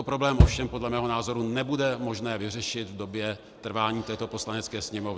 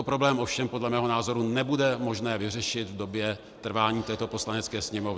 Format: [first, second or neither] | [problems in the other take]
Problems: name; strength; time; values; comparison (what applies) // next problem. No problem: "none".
second | background sound (Bass drum); 2 dB above the speech